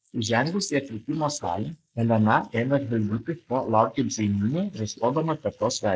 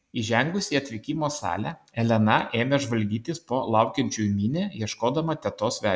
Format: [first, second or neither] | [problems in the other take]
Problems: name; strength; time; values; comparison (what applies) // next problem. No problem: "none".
second | noise reduction (neural mask model Resemble Enhance denoiser)